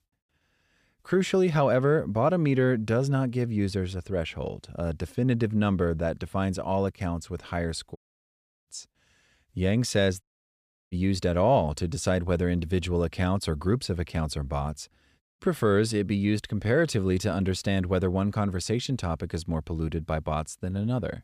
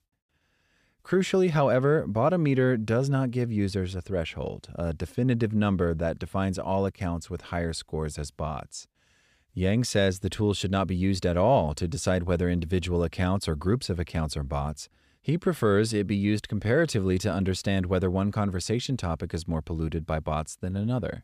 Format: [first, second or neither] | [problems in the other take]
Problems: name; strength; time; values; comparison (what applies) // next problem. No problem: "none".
second | audio cutting out; at 8 s for 0.5 s, at 10 s for 0.5 s and at 15 s